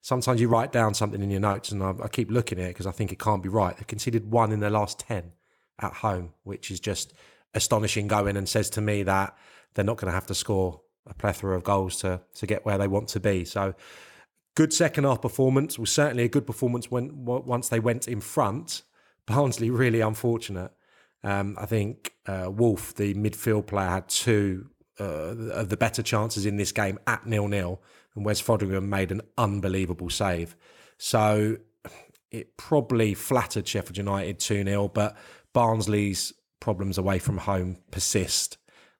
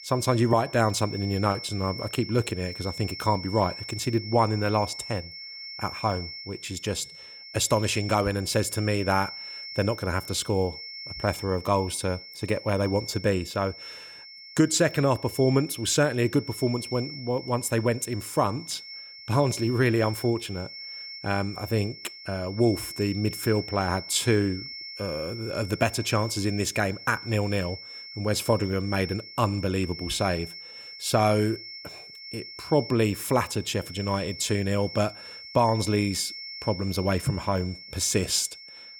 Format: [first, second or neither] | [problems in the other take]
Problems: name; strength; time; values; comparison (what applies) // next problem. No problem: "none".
first | high-pitched whine; noticeable; throughout; 5.5 kHz, 10 dB below the speech